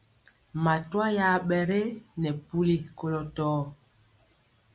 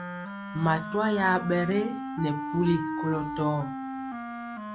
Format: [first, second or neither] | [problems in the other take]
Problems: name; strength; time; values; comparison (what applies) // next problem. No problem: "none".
first | background sound (Wind instrument, woodwind instrument); 6 dB below the speech